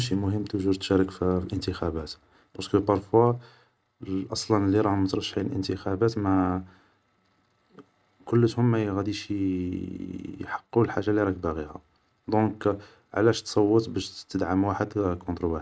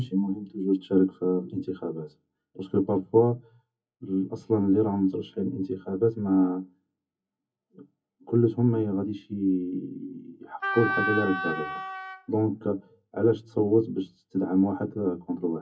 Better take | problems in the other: first | noise reduction (classical method WPE with log-MMSE)

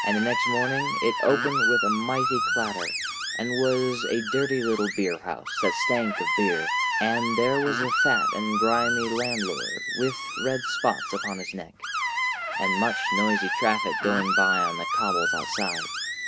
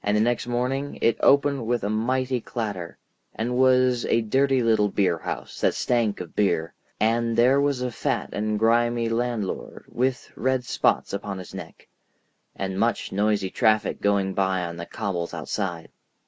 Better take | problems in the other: second | background sound (Screech); 1 dB above the speech

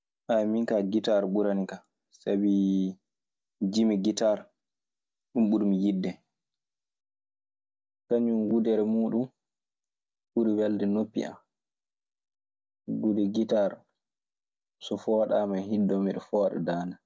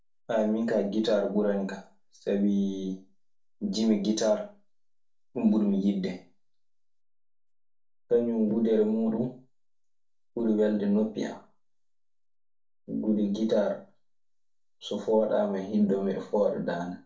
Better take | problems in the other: first | room echo; dies away in 0.3 s

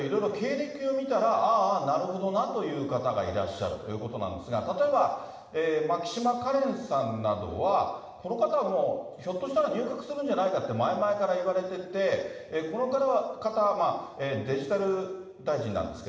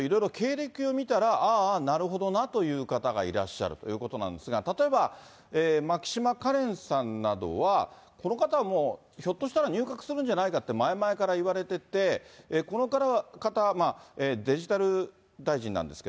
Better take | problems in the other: second | room echo; dies away in 1 s

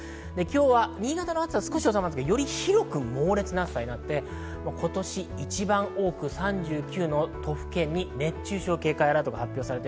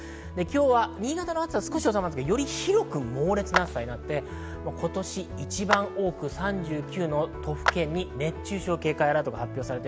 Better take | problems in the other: first | background sound (Clapping); 6 dB below the speech

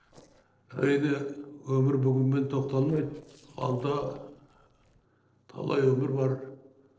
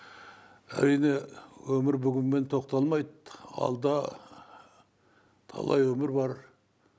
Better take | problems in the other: second | noise reduction (neural separator model SepFormer DNS4)

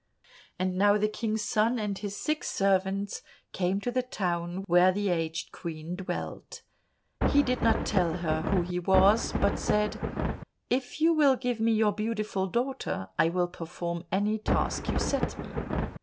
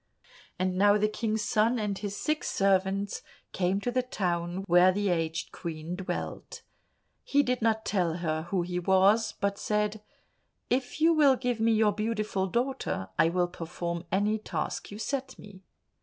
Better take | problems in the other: second | background sound (Thunder); 1 dB below the speech

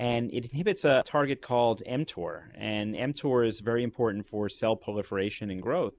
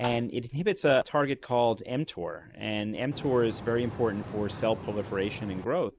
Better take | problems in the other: first | background sound (Boat, Water vehicle + Tap); 11 dB below the speech

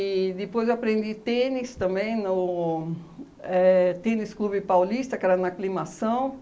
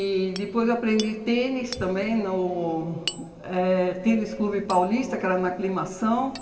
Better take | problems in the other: first | background sound (Hammer); 18 dB below the speech // room echo; dies away in 2.2 s

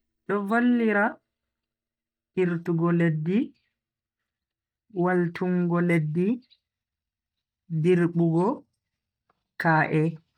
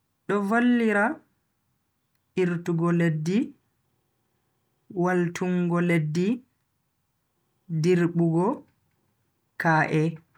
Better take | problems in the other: second | noise reduction (neural mask model DeepFilterNet 3)

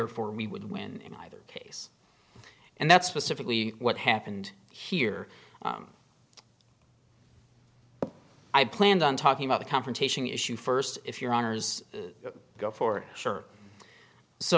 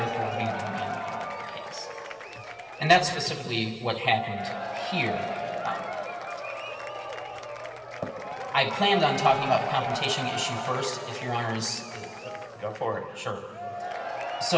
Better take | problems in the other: first | background sound (Applause / Crowd / Cheering); 5 dB below the speech // room echo; dies away in 2.1 s

